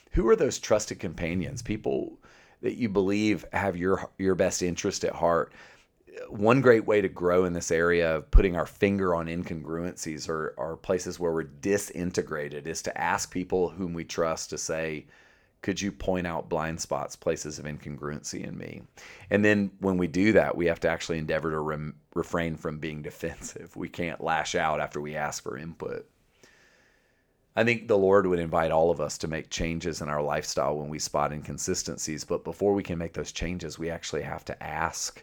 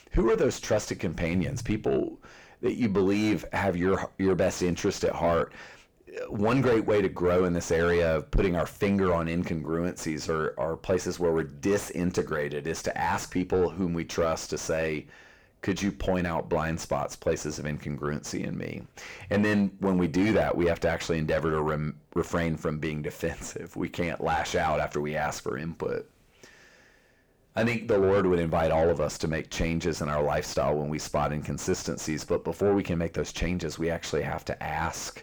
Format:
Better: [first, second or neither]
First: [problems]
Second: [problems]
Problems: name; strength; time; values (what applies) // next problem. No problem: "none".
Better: first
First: none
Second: distortion; heavy; 6 dB below the speech